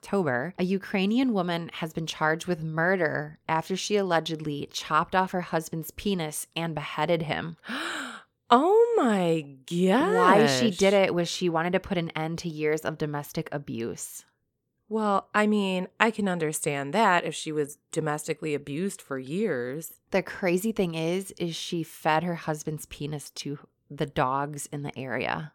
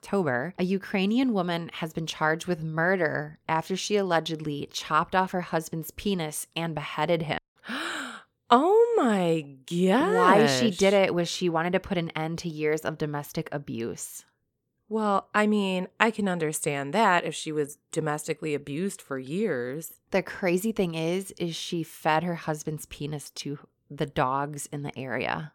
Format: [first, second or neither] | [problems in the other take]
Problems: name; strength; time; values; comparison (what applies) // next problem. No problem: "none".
first | audio cutting out; at 7.5 s